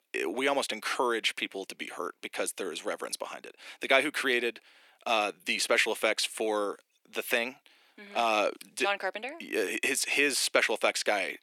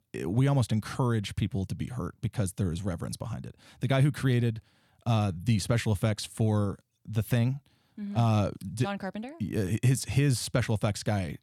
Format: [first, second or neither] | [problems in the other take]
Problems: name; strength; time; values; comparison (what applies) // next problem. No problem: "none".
second | thin; very; fading below 350 Hz